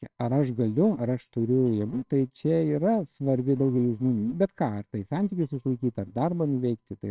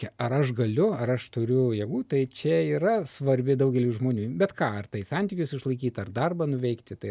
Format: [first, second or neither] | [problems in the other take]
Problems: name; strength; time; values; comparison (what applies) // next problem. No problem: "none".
second | noise reduction (neural separator model SepFormer WHAMR!)